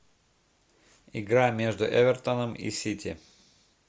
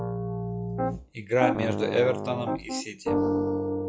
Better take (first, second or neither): first